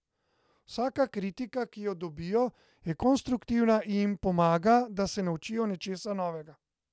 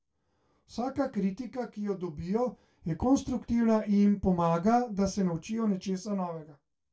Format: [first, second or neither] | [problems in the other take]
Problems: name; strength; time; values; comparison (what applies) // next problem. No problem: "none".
first | room echo; dies away in 0.2 s